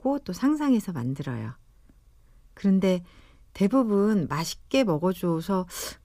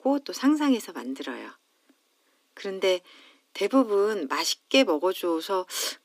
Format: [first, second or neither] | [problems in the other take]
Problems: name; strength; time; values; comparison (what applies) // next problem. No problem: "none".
first | thin; very slightly; fading below 250 Hz